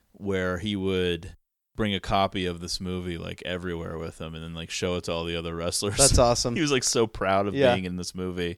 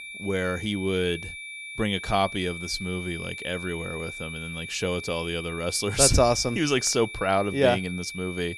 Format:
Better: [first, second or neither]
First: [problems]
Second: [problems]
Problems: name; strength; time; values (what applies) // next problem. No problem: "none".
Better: first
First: none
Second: high-pitched whine; noticeable; throughout; 2.5 kHz, 10 dB below the speech